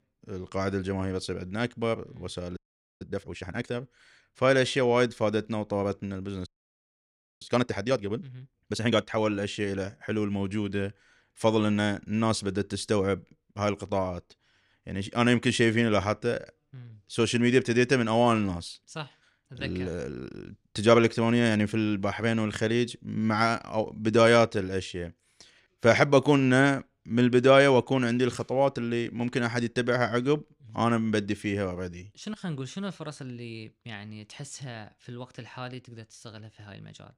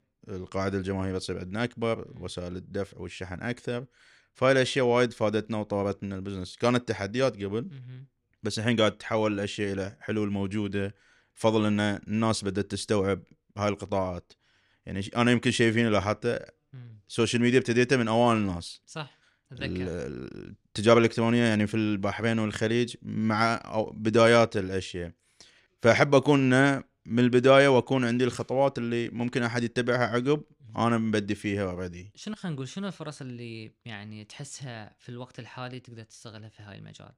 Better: second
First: audio freezing; at 2.5 s and at 6.5 s for 1 s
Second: none

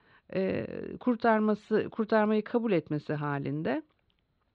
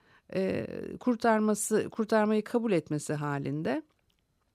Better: second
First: muffled; slightly; fading above 4 kHz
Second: none

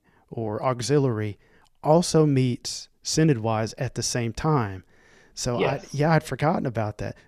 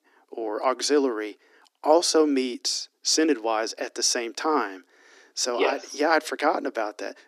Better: first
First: none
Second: thin; somewhat; fading below 250 Hz

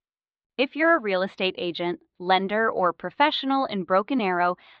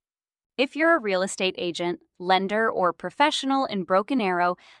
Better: second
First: muffled; very slightly; fading above 4 kHz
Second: none

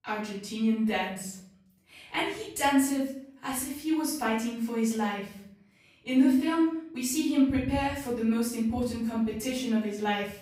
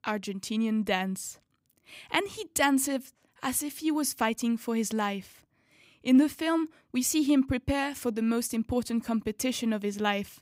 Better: second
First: off-mic speech; far // room echo; noticeable; dies away in 0.6 s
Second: none

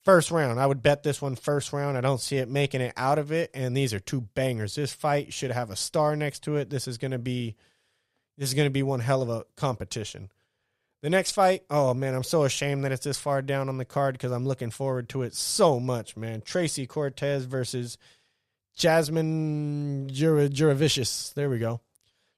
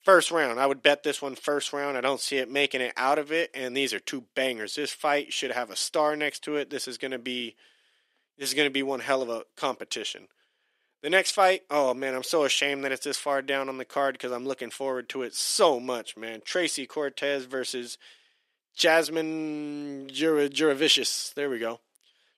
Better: first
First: none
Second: thin; somewhat; fading below 300 Hz

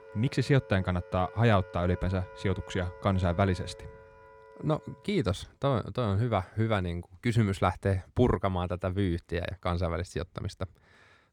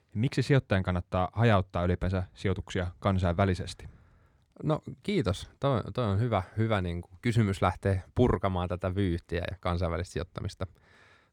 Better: second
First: background music; noticeable; throughout; 20 dB below the speech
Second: none

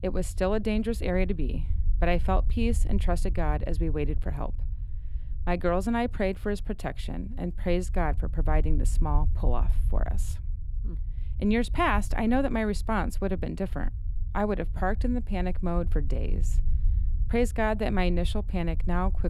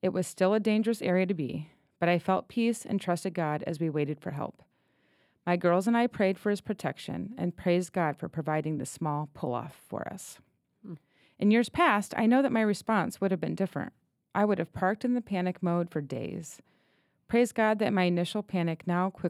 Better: second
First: low rumble; faint; throughout; 20 dB below the speech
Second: none

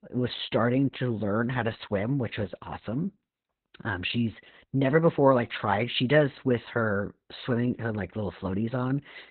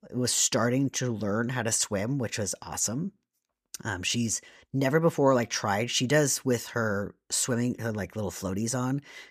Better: second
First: garbled, watery; badly; nothing above 4 kHz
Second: none

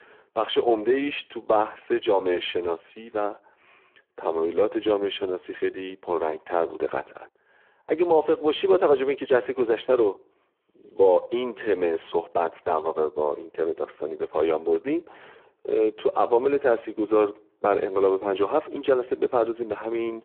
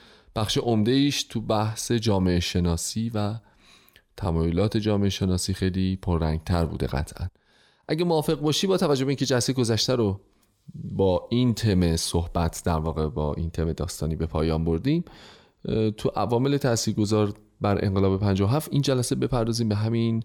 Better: second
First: phone-call audio; poor line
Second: none

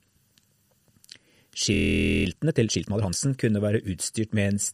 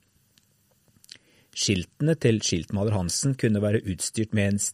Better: second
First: audio freezing; at 1.5 s for 0.5 s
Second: none

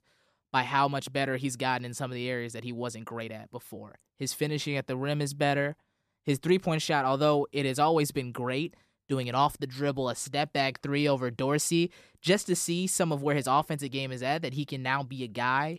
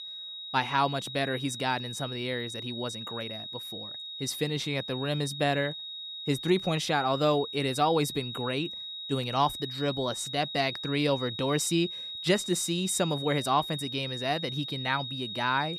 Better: first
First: none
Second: high-pitched whine; loud; throughout; 4 kHz, 7 dB below the speech

